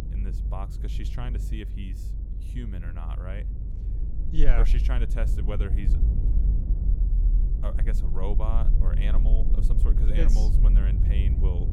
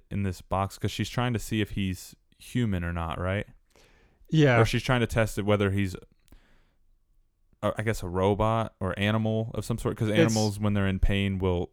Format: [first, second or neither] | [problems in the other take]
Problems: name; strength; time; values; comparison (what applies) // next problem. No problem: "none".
second | low rumble; loud; throughout; 5 dB below the speech